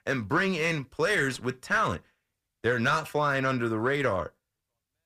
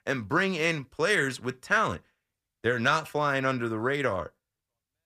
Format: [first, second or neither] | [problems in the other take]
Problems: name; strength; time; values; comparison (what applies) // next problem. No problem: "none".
second | distortion; slight; 10 dB below the speech